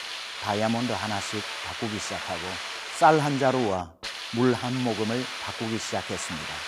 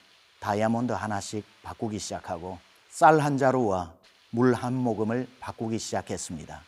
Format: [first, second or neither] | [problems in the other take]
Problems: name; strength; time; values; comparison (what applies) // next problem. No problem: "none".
second | hiss; loud; throughout; 6 dB below the speech; faint in the second